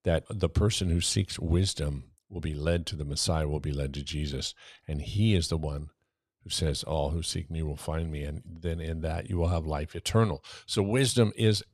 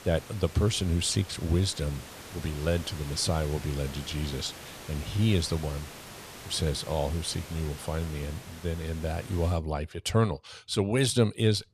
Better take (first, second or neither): first